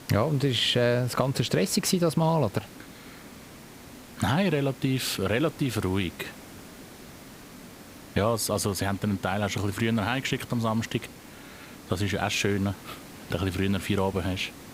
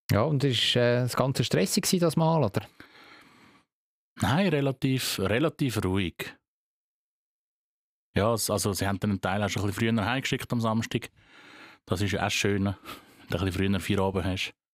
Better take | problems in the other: second | hiss; noticeable; throughout; 20 dB below the speech

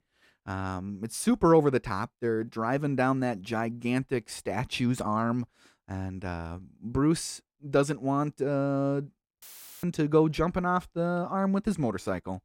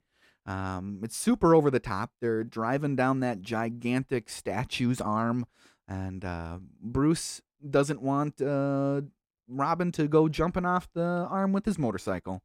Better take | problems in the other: second | audio cutting out; filled with static; at 9.5 s

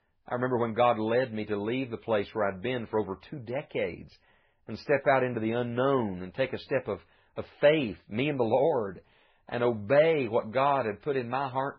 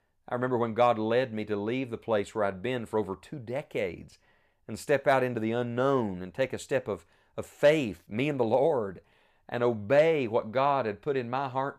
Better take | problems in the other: second | garbled, watery; badly

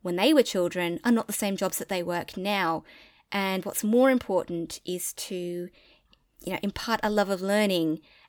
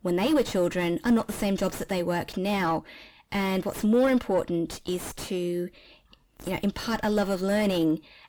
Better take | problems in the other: first | distortion; heavy; 5 dB below the speech

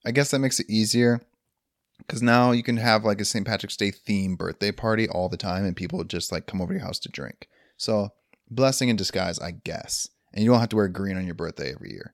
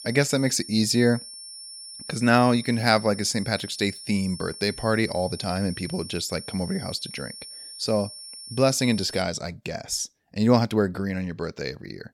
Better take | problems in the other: first | high-pitched whine; noticeable; until 9 s; 5.5 kHz, 15 dB below the speech

